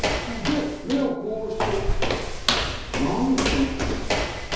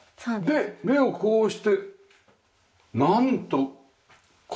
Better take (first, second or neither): second